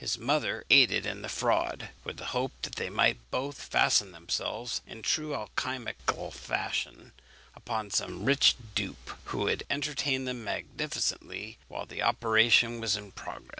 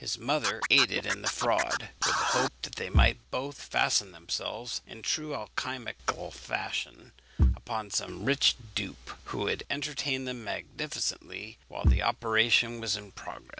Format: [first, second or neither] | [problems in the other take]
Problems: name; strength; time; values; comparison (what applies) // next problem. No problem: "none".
first | background sound (Bass drum / Thump, thud + Scratching (performance technique)); 2 dB below the speech